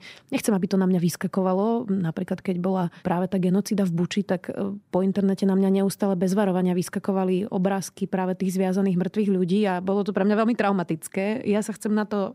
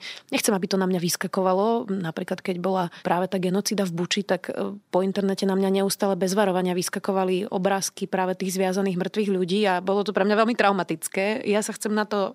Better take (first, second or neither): first